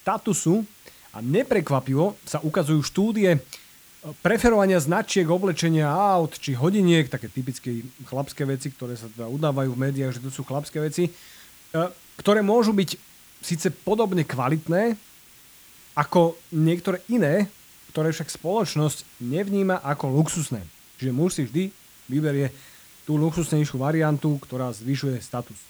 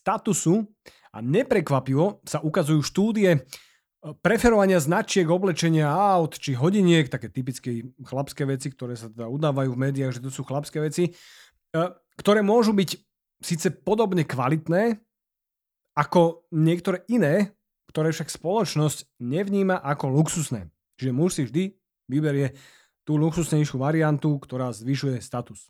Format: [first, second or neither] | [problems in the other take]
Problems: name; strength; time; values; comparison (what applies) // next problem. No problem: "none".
second | hiss; faint; throughout; 25 dB below the speech